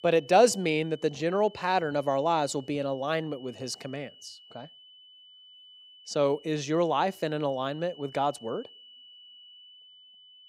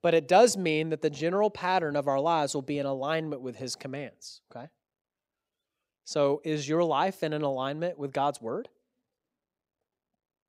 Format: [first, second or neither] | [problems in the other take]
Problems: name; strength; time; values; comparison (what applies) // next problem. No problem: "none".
second | high-pitched whine; faint; throughout; 3 kHz, 25 dB below the speech